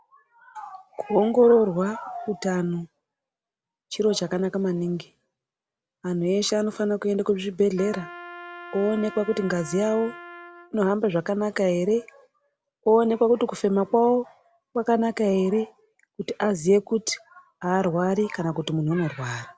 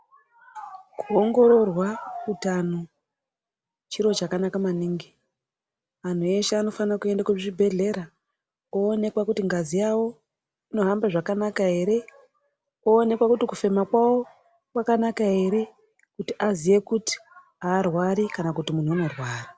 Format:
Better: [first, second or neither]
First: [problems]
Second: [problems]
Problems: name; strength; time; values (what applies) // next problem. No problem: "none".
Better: second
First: background sound (Trumpet); 16 dB below the speech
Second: none